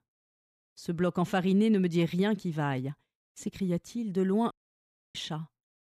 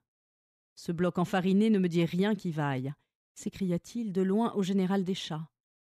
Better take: second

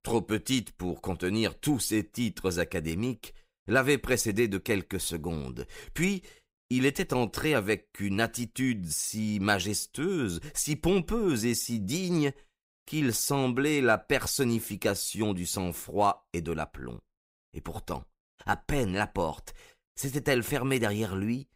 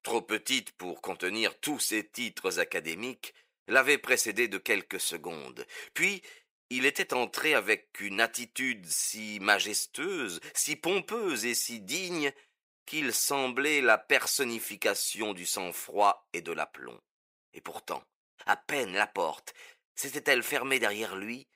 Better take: first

